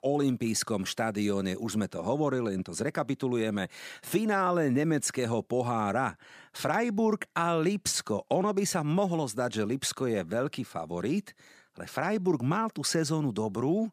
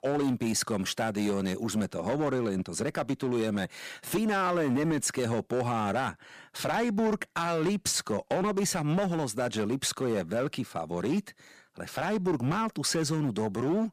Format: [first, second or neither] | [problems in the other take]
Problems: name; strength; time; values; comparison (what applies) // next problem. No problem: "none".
first | distortion; slight; 10% of the sound clipped